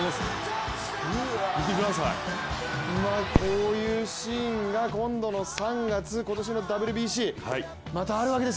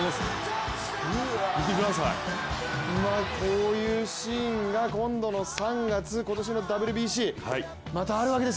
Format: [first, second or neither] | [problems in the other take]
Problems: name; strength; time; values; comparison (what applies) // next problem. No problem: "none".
second | background sound (Fireworks); 11 dB below the speech